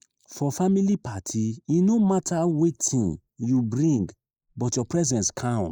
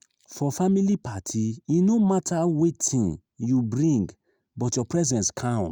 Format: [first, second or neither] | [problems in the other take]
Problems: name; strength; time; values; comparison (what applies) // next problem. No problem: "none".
second | noise reduction (neural mask model Resemble Enhance denoiser)